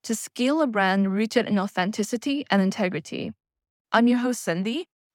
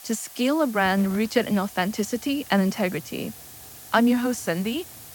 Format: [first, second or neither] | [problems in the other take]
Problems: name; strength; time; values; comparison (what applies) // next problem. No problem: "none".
first | hiss; noticeable; throughout; 15 dB below the speech